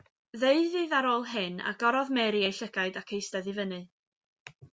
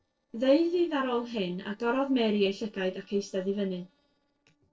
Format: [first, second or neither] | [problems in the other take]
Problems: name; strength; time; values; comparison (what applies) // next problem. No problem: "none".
first | noise reduction (neural separator model SepFormer DNS4)